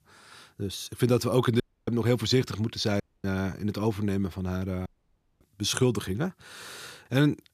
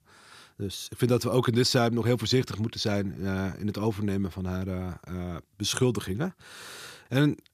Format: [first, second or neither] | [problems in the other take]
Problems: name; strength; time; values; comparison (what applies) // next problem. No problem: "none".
second | audio cutting out; at 1.5 s, at 3 s and at 5 s for 0.5 s